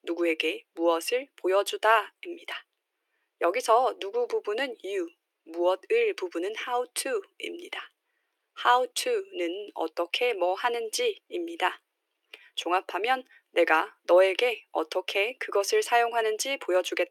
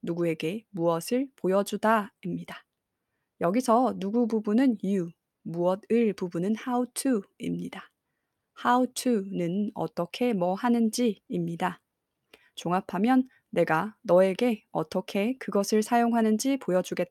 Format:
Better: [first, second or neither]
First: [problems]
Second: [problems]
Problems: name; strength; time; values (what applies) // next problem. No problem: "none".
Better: second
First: thin; very; fading below 350 Hz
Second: none